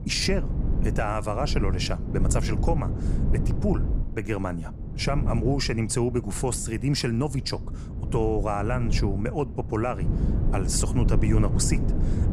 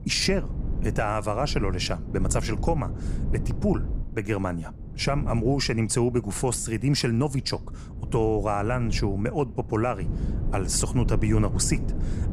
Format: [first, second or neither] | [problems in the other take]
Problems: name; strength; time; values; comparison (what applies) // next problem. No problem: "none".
second | wind noise on the microphone; heavy; 10 dB below the speech; occasional gusts in the second